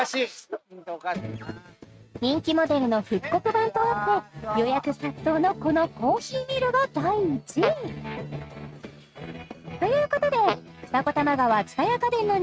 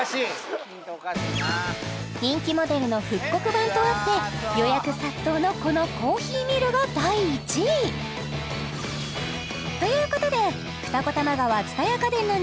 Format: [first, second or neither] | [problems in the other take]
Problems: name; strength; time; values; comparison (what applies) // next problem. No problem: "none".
second | noise reduction (neural mask model RNNoise)